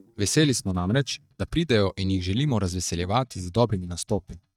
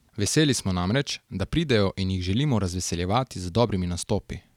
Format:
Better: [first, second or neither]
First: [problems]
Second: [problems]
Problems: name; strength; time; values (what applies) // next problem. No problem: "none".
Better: second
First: noise reduction (neural mask model DeepFilterNet 3)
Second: none